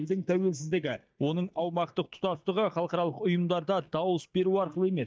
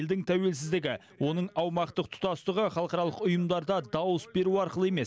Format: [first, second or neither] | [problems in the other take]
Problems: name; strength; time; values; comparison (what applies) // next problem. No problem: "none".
second | noise reduction (neural mask model DeepFilterNet 3)